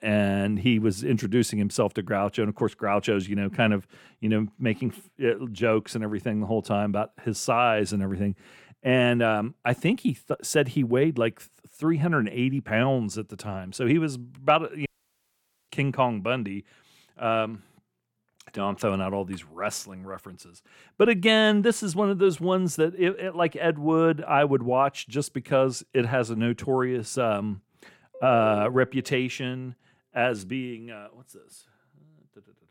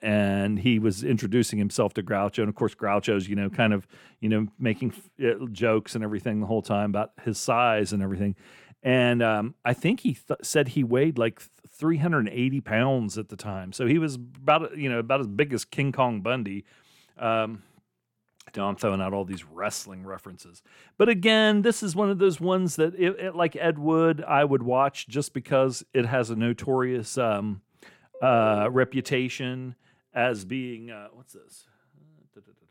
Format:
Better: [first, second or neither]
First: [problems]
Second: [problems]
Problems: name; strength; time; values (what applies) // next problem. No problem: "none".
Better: second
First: audio cutting out; at 15 s for 1 s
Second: none